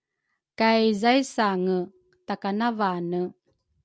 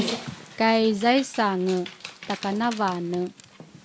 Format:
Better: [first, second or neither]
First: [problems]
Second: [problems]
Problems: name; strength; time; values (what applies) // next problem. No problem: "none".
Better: first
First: none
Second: background sound (Dog); 11 dB below the speech